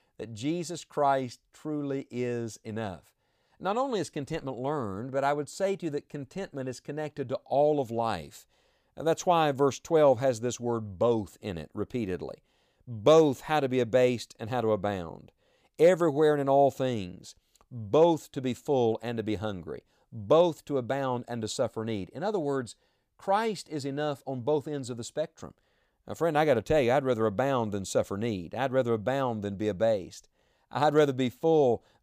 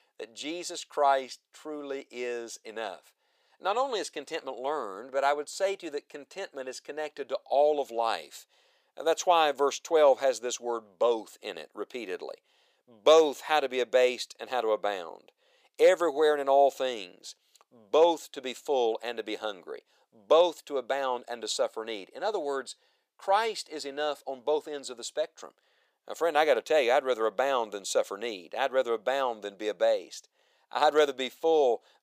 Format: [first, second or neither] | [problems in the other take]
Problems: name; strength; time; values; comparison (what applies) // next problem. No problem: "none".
first | thin; somewhat; fading below 400 Hz